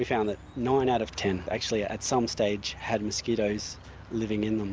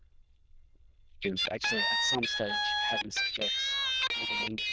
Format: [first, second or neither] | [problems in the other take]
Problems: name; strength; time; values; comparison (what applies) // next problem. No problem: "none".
first | noise reduction (neural diffusion model UNIVERSE++)